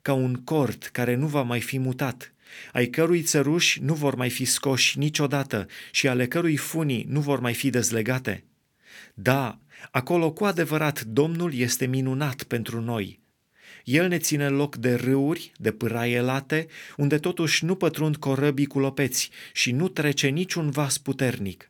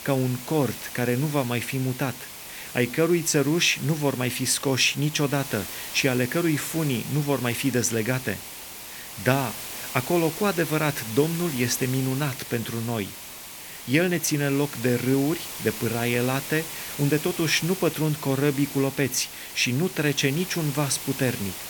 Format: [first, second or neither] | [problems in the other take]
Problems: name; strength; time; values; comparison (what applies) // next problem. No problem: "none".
first | hiss; loud; throughout; 10 dB below the speech